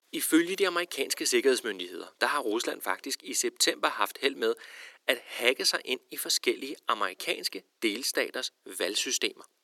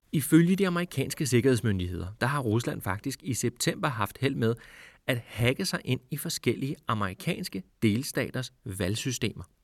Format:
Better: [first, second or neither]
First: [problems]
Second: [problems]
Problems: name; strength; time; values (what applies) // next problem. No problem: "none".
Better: second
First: thin; very; fading below 350 Hz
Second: none